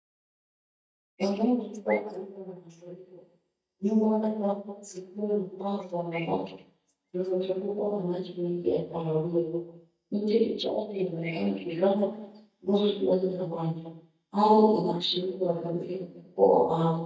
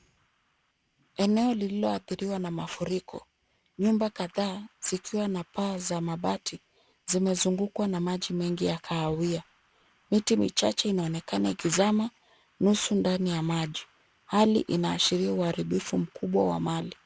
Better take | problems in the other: second | noise reduction (neural mask model DeepFilterNet 3)

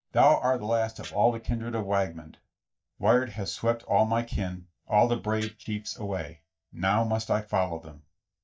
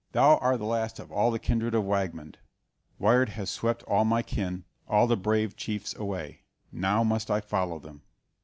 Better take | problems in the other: second | noise reduction (neural mask model DeepFilterNet 3)

